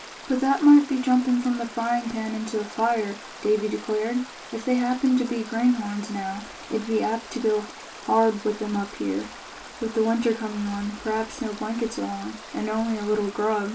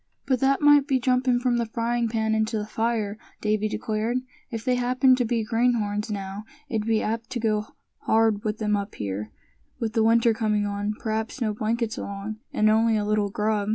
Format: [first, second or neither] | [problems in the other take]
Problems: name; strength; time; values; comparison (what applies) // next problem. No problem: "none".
second | background sound (Stream); 16 dB below the speech // room echo; dies away in 0.2 s